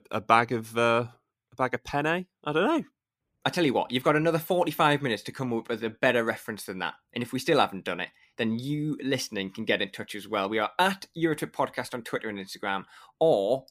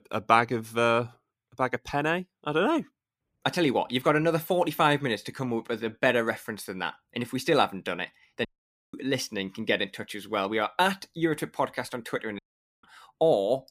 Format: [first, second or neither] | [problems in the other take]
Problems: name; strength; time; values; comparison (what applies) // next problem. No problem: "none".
first | audio cutting out; at 8.5 s and at 12 s